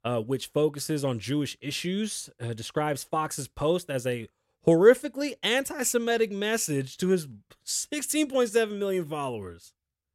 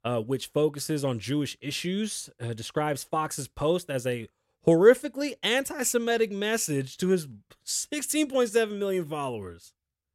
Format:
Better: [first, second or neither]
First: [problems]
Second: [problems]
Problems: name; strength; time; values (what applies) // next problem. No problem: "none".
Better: neither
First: none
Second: none